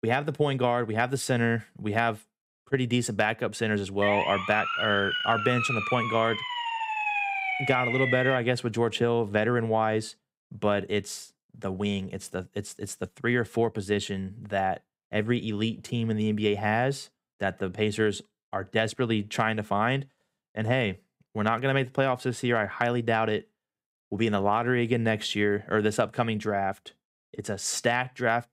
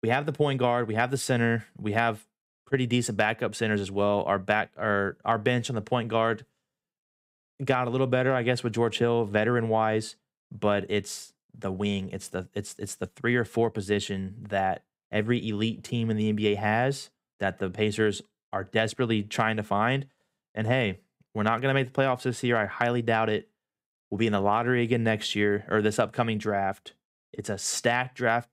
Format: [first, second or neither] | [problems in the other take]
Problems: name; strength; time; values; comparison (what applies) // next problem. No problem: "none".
second | siren; loud; from 4 to 8.5 s; peak 1 dB above the speech